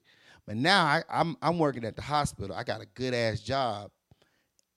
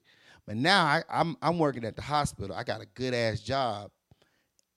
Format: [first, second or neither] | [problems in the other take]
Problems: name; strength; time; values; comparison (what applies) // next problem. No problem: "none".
neither | none